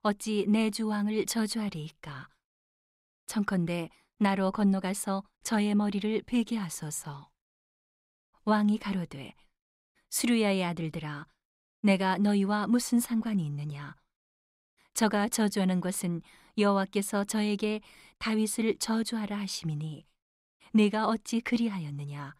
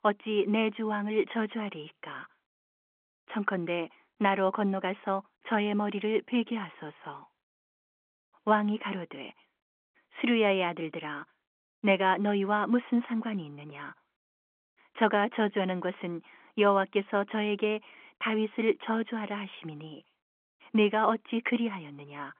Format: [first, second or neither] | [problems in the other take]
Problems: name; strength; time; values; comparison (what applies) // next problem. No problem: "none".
first | phone-call audio; nothing above 3.5 kHz